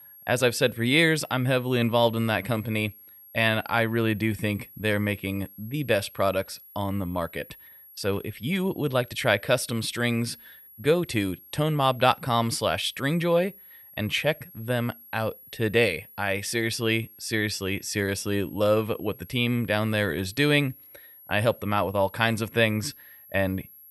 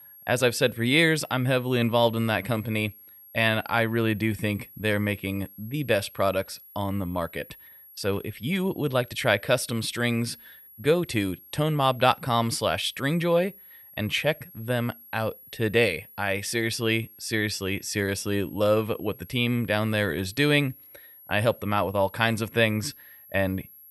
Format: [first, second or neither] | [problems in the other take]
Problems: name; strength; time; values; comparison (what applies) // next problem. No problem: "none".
neither | high-pitched whine; faint; throughout; 11.5 kHz, 20 dB below the speech; the same in both